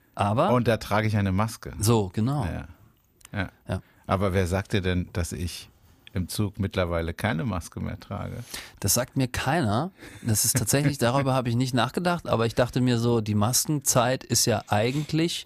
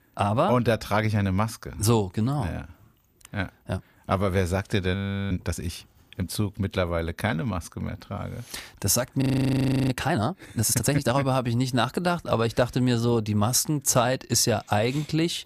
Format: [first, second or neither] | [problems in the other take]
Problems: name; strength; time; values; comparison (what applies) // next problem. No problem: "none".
first | audio freezing; at 5 s and at 9 s for 0.5 s